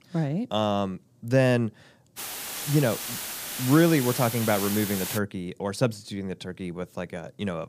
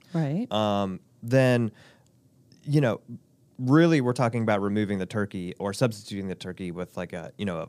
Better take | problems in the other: second | hiss; loud; from 2 to 5 s; 5 dB below the speech

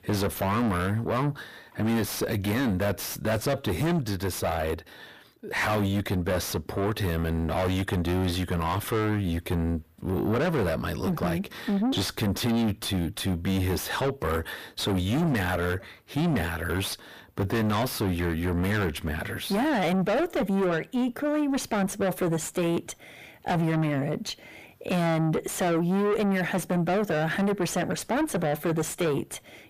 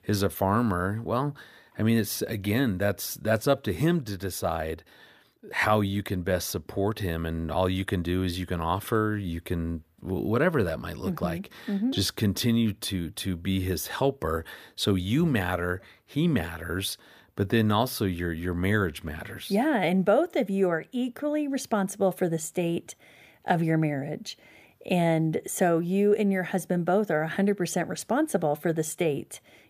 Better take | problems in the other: second | distortion; heavy; 6 dB below the speech

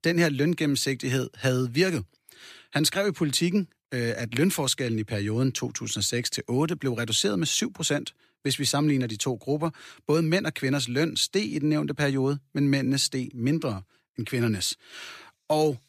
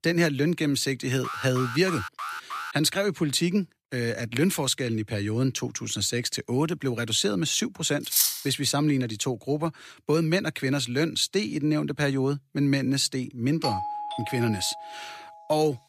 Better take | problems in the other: first | alarm; noticeable; from 1 to 2.5 s; peak 7 dB below the speech // clattering dishes; loud; at 8 s; peak 4 dB above the speech // doorbell; noticeable; from 14 to 15 s; peak 4 dB below the speech

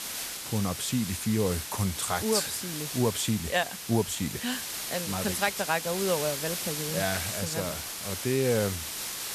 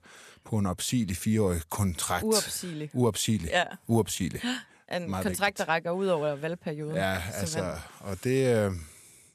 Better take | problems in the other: second | hiss; loud; throughout; 4 dB below the speech

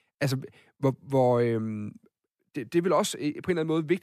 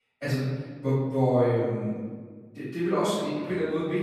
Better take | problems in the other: first | off-mic speech; far // room echo; strong; dies away in 1.5 s

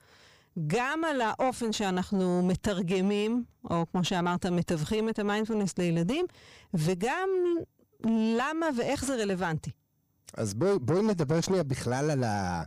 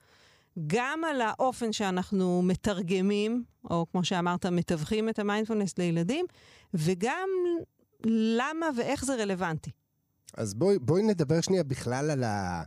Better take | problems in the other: second | distortion; slight; 10 dB below the speech

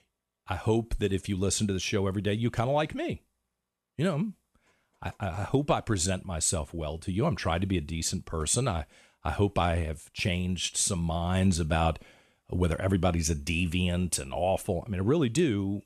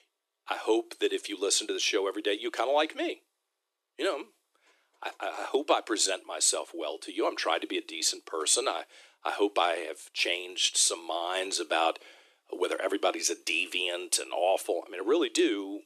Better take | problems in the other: first | thin; very; fading below 300 Hz

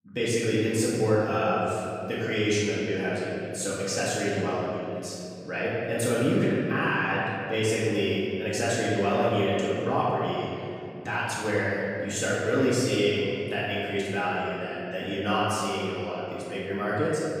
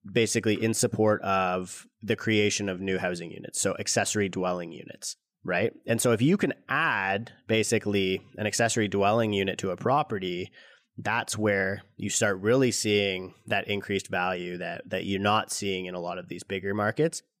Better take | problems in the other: second | off-mic speech; far // room echo; strong; dies away in 2.4 s

